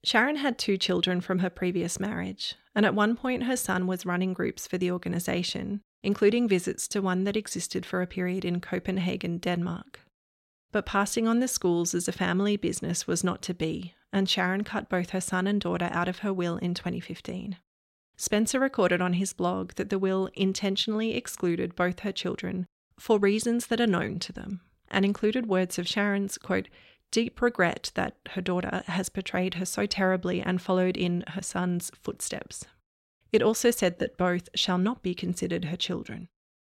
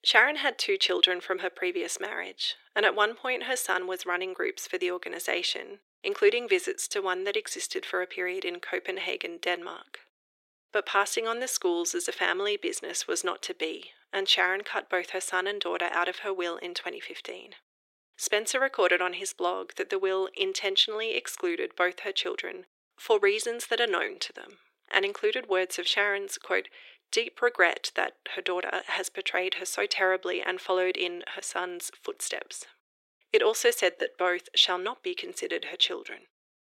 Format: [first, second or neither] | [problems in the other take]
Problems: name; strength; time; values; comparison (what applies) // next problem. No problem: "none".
first | thin; very; fading below 350 Hz